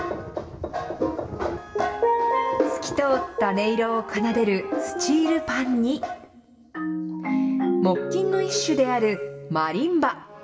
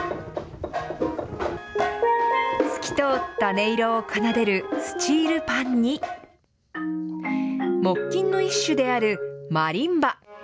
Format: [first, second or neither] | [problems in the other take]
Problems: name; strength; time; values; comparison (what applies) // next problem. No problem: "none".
second | room echo; dies away in 2 s